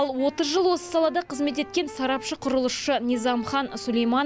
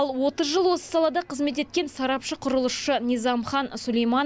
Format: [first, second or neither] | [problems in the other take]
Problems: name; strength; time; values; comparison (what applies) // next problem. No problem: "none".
second | background sound (Wind instrument, woodwind instrument); 18 dB below the speech